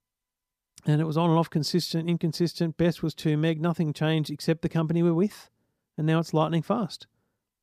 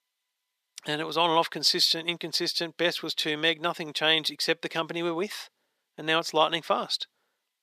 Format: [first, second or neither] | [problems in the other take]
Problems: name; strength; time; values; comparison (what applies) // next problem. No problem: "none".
first | thin; very; fading below 550 Hz